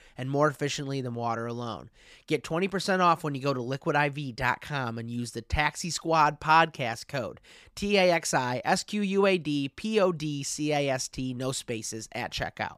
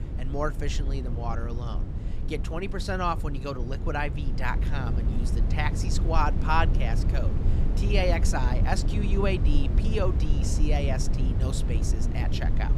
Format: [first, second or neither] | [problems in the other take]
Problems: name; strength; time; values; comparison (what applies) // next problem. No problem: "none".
first | low rumble; loud; throughout; 9 dB below the speech